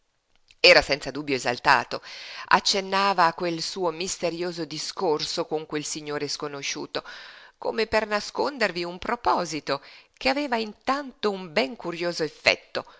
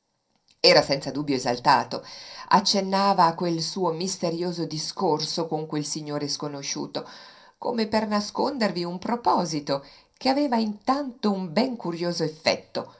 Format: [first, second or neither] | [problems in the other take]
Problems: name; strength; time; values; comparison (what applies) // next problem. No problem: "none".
first | room echo; dies away in 0.3 s